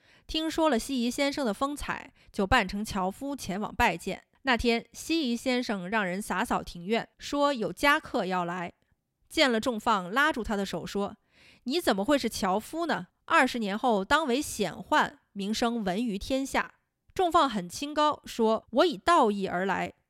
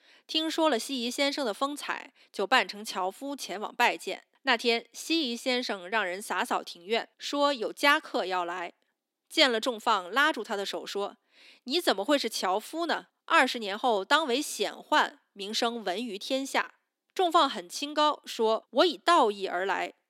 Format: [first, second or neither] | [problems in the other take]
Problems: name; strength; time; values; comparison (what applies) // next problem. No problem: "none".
first | thin; very slightly; fading below 250 Hz